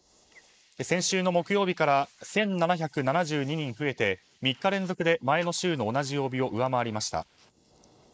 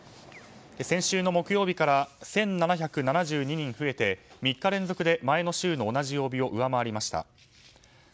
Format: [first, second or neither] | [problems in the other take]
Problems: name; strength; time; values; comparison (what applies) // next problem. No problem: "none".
second | noise reduction (neural mask model Resemble Enhance denoiser)